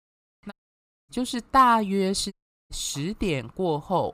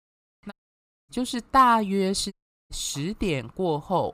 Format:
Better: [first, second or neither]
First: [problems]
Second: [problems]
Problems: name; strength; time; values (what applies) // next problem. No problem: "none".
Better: neither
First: audio cutting out; at 0.5 s for 0.5 s and at 2.5 s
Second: audio cutting out; at 0.5 s for 0.5 s and at 2.5 s